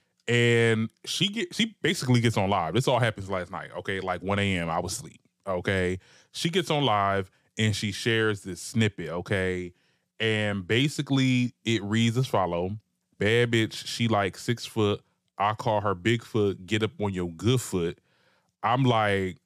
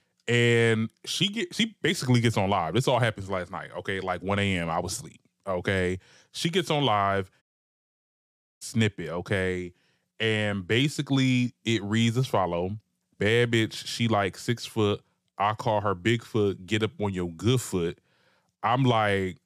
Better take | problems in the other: first | audio cutting out; at 7.5 s for 1 s

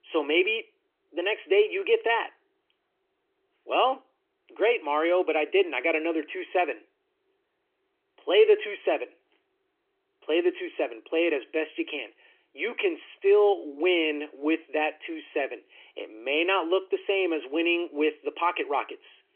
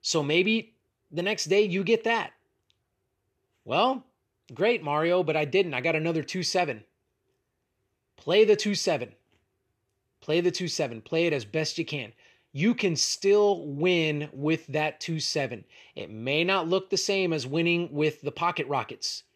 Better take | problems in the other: second | phone-call audio; nothing above 3 kHz

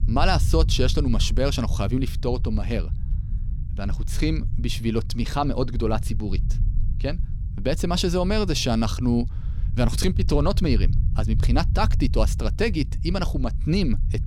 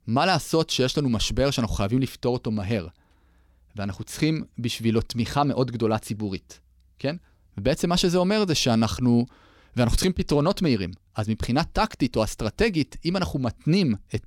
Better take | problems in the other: second | low rumble; noticeable; throughout; 15 dB below the speech

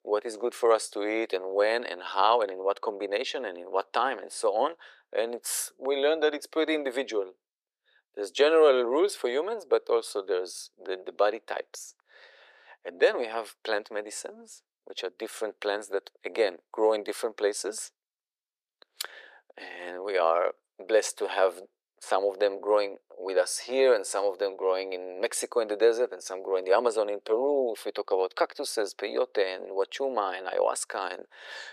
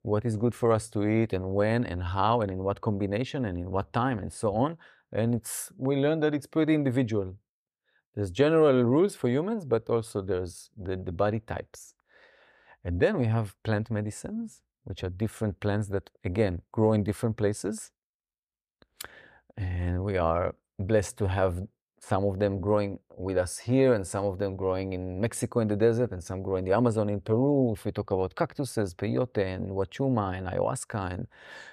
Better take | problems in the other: second | thin; very; fading below 400 Hz

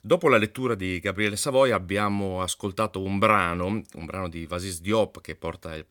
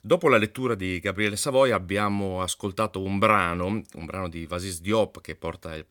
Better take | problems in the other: neither | none

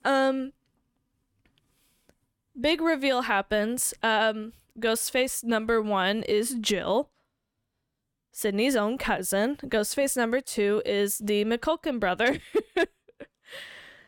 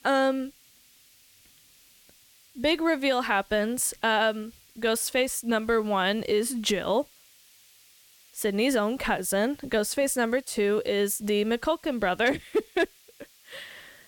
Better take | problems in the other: first | hiss; faint; throughout; 30 dB below the speech

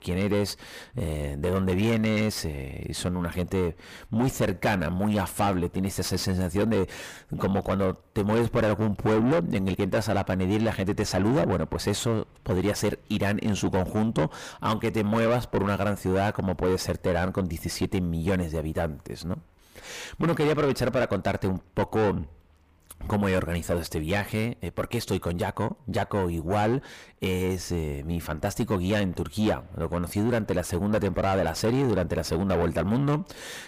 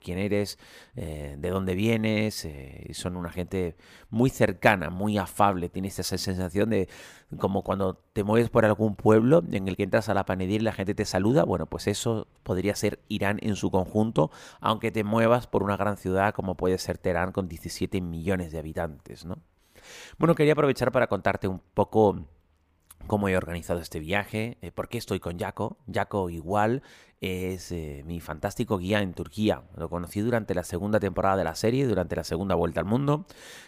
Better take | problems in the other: second | distortion; heavy; 6 dB below the speech

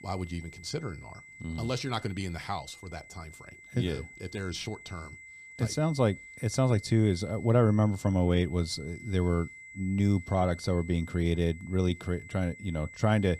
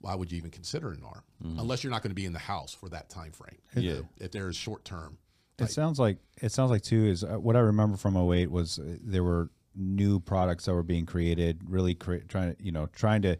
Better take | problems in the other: second | high-pitched whine; noticeable; throughout; 2 kHz, 20 dB below the speech

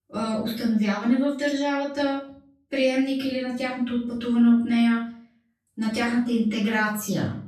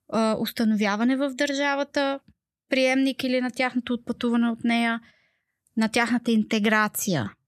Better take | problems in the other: second | off-mic speech; far // room echo; noticeable; dies away in 0.5 s

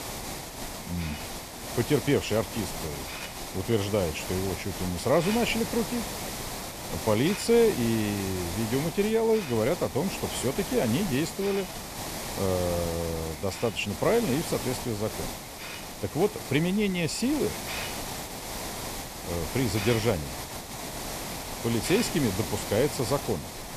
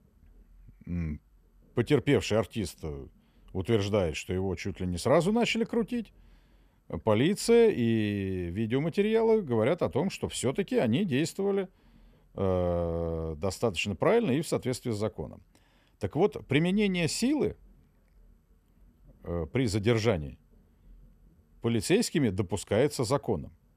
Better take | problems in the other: second | hiss; loud; throughout; 7 dB below the speech

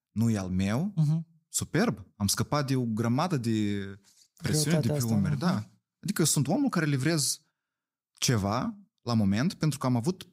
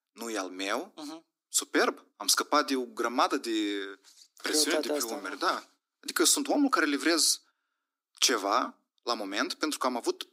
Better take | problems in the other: first | thin; somewhat; fading below 250 Hz

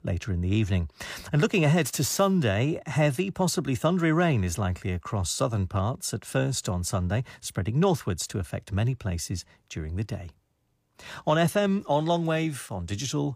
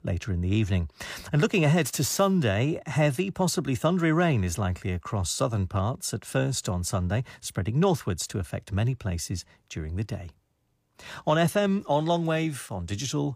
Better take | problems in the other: neither | none

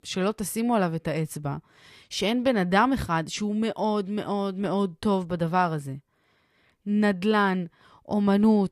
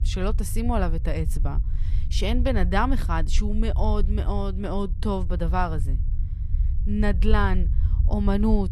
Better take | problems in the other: first | low rumble; noticeable; throughout; 15 dB below the speech

